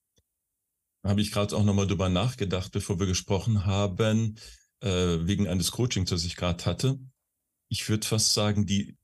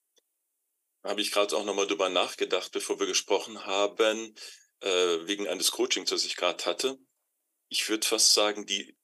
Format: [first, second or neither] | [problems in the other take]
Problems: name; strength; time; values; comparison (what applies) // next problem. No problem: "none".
first | thin; very; fading below 300 Hz